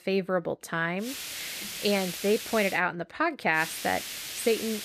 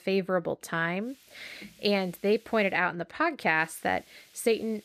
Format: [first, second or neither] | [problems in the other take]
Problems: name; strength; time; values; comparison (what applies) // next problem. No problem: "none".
second | hiss; loud; from 1 to 2.5 s and from 3.5 s on; 7 dB below the speech; faint in the second